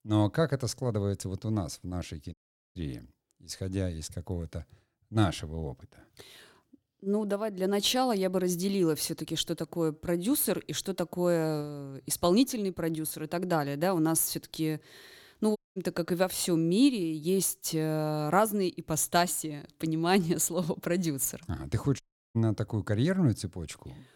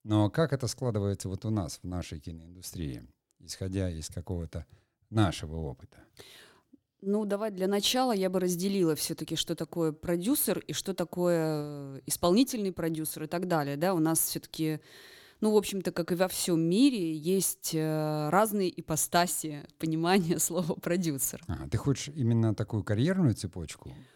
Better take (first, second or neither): second